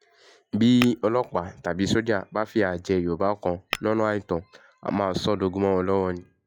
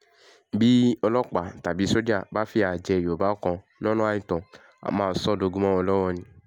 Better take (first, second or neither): second